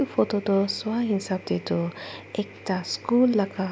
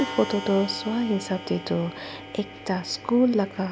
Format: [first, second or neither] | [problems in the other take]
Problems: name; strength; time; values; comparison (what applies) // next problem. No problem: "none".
first | background sound (Clock); 13 dB below the speech